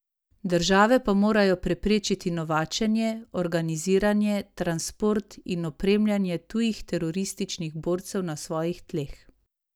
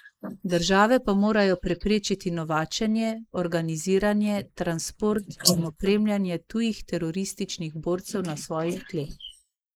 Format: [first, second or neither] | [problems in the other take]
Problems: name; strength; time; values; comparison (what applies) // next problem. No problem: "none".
first | noise reduction (neural mask model Resemble Enhance denoiser)